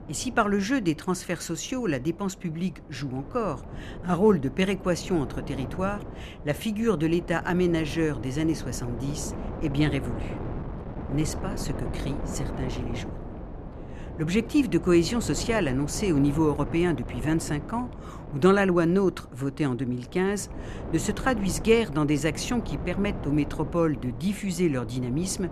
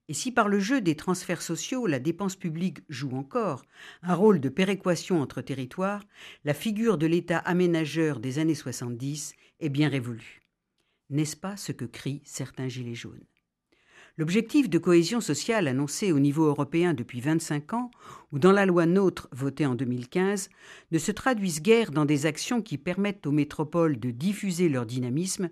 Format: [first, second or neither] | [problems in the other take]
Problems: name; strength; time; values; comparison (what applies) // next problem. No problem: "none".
second | wind noise on the microphone; occasional gusts; 15 dB below the speech